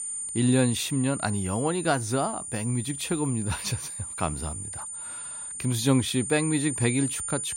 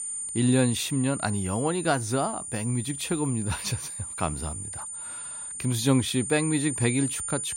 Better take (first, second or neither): neither